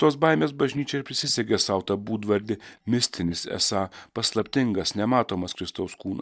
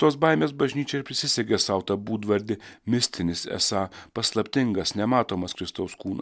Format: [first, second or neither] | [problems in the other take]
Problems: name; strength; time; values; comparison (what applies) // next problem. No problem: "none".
second | noise reduction (neural mask model DeepFilterNet 3)